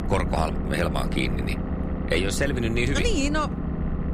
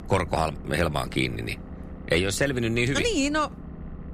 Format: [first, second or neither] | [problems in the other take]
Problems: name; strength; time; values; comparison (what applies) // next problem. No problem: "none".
second | low rumble; loud; throughout; 9 dB below the speech; faint in the second